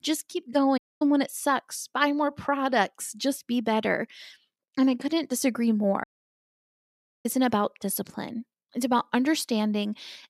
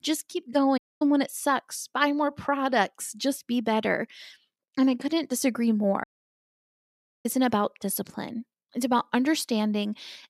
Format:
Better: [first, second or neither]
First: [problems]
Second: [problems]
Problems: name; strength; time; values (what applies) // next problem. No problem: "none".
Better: neither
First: audio cutting out; at 1 s and at 6 s for 1 s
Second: audio cutting out; at 1 s and at 6 s for 1 s